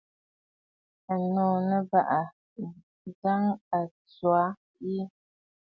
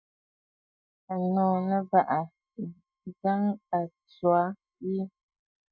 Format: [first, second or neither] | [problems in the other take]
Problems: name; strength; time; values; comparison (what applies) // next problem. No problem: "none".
first | noise reduction (neural mask model DeepFilterNet 3)